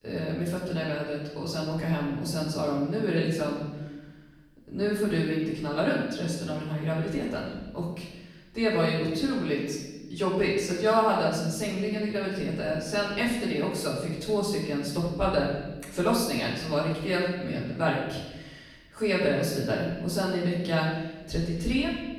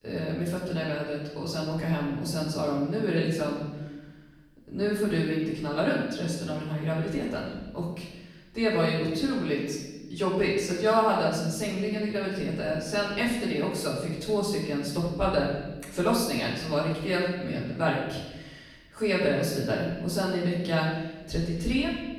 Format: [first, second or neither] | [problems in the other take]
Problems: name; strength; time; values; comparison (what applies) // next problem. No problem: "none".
neither | off-mic speech; far; the same in both // room echo; noticeable; dies away in 1.1 s; the same in both